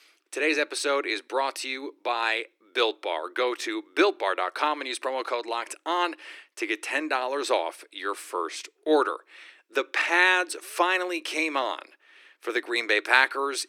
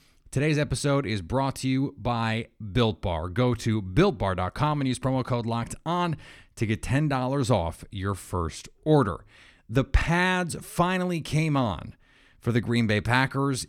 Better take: second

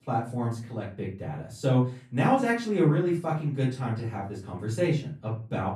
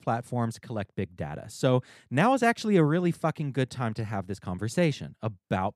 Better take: second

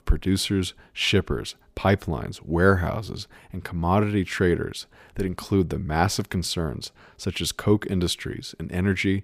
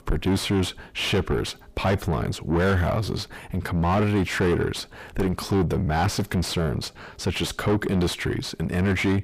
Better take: first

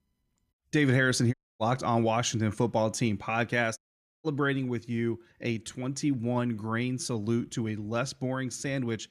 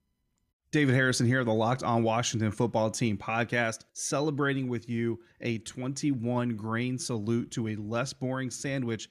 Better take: second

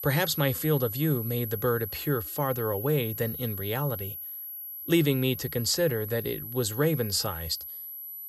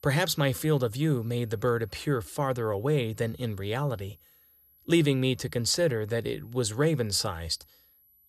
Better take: second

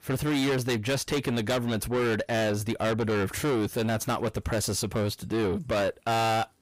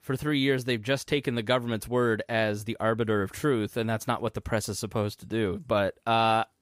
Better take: second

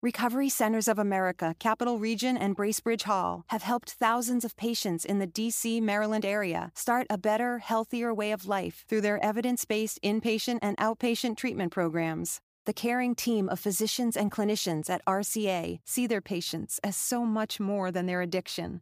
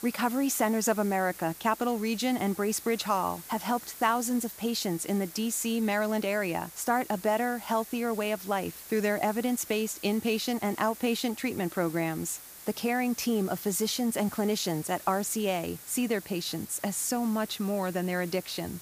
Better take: first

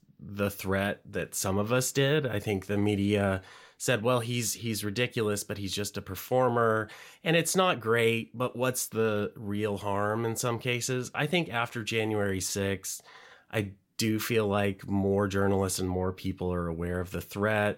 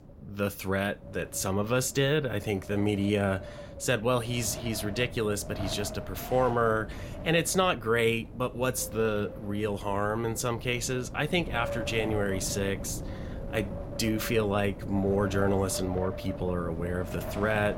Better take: first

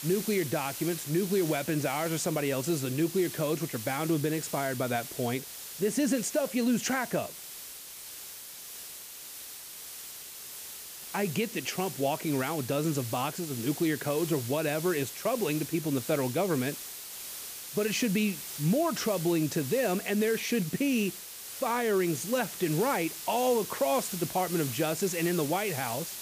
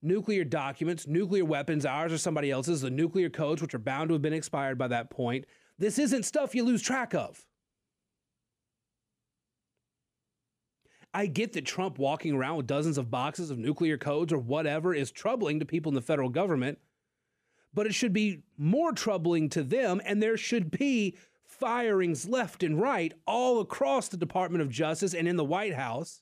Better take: second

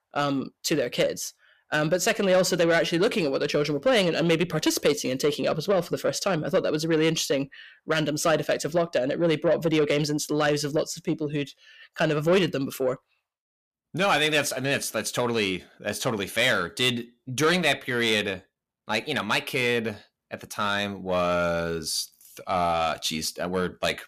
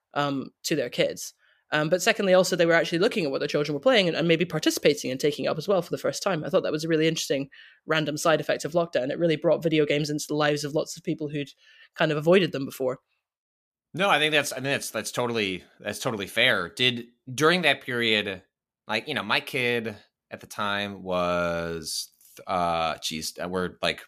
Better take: second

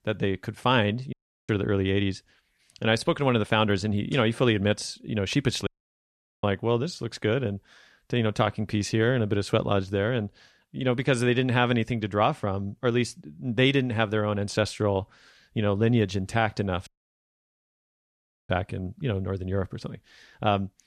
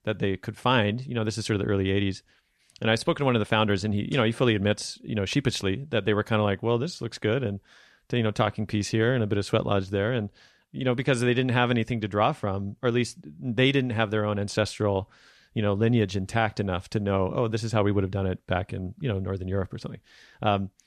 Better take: second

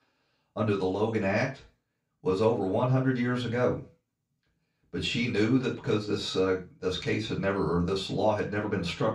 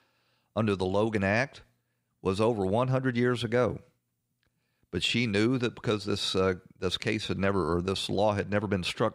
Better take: second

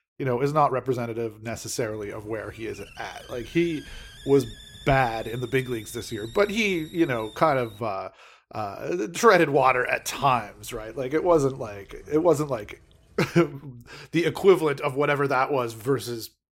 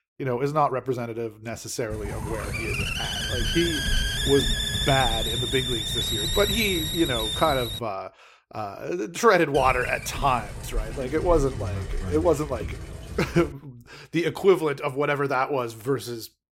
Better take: first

